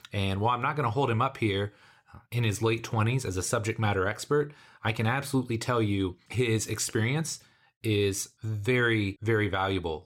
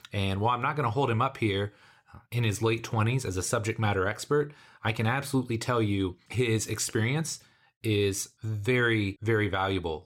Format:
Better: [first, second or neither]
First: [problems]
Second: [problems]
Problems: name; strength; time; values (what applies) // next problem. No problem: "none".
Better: neither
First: none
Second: none